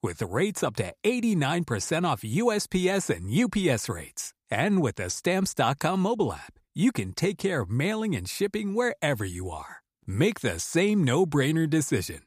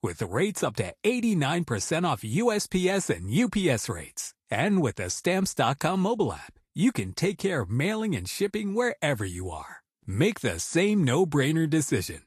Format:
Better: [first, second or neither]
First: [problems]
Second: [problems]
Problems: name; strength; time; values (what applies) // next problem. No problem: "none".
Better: first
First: none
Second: garbled, watery; slightly; nothing above 12.5 kHz